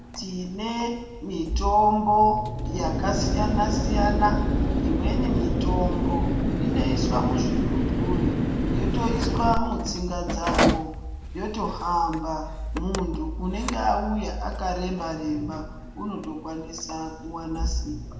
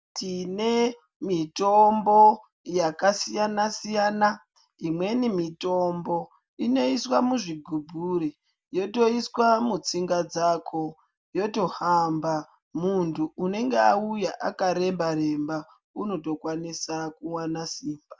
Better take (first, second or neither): second